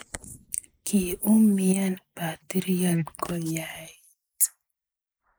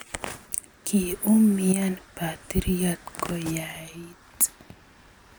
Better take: second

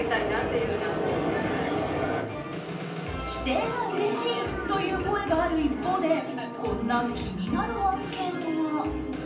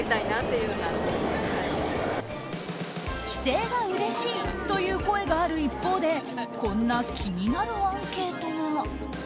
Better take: second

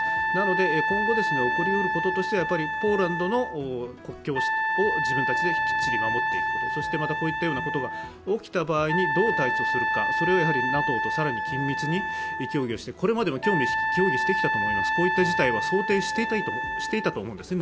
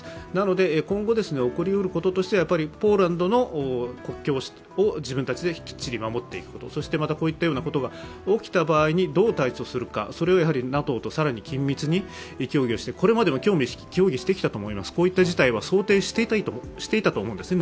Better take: second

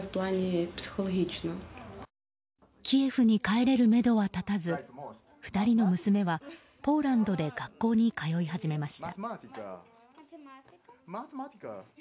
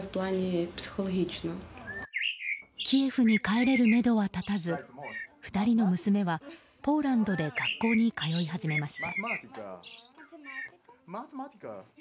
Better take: first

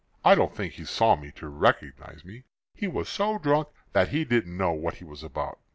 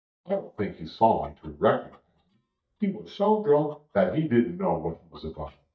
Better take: first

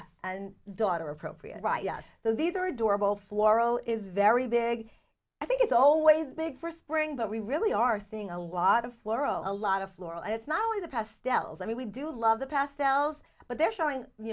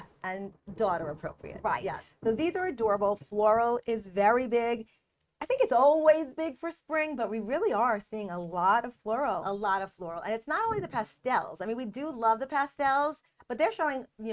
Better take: first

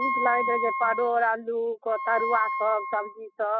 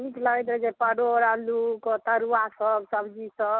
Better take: second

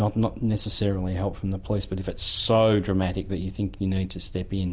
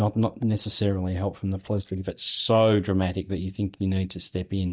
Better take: first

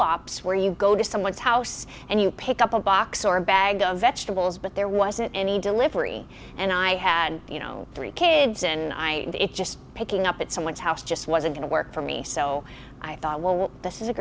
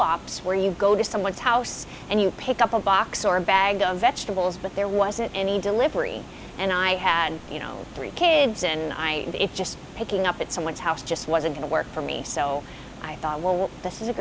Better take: first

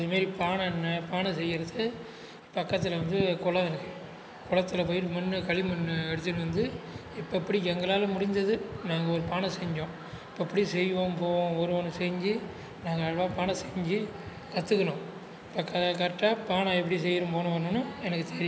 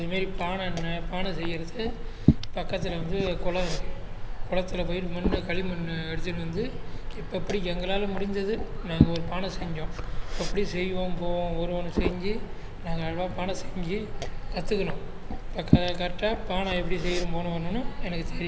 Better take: first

